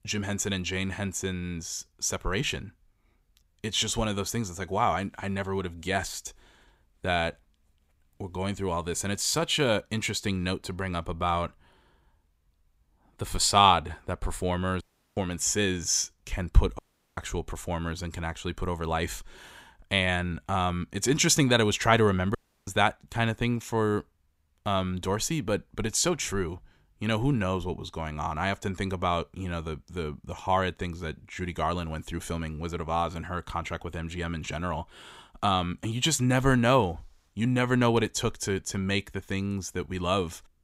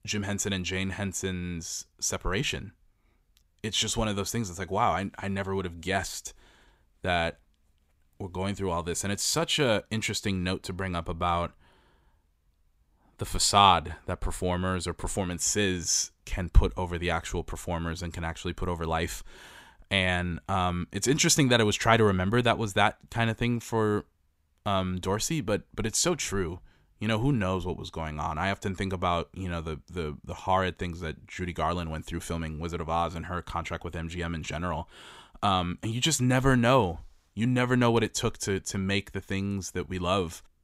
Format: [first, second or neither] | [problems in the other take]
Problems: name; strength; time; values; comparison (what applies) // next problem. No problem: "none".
second | audio cutting out; at 15 s, at 17 s and at 22 s